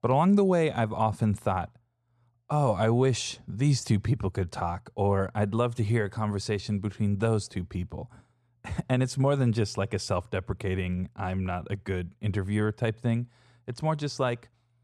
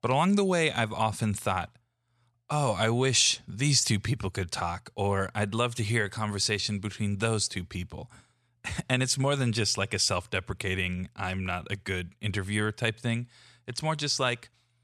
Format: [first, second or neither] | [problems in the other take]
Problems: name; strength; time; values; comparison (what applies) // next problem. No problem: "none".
second | muffled; slightly; fading above 1.5 kHz